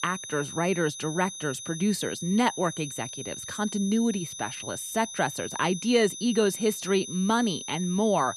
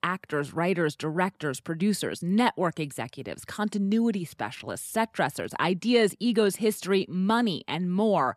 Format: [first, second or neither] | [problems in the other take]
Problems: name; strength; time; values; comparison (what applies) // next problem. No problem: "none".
second | high-pitched whine; loud; throughout; 6 kHz, 9 dB below the speech